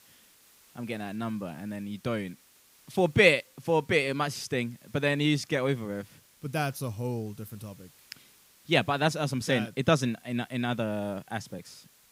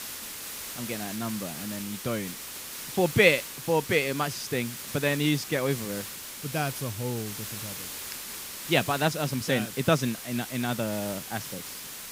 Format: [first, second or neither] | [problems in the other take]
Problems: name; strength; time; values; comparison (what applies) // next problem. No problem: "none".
first | hiss; loud; throughout; 8 dB below the speech; faint in the first